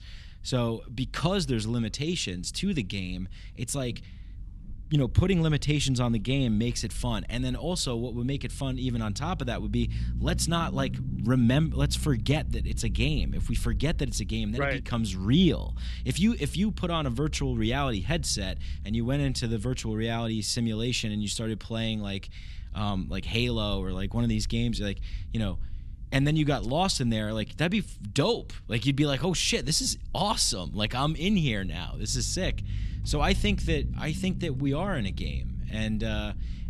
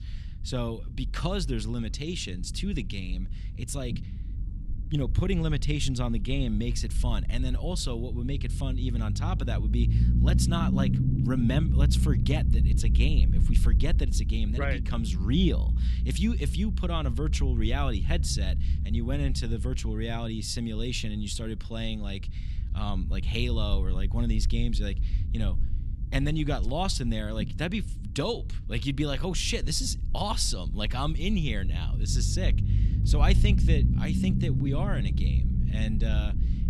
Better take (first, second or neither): first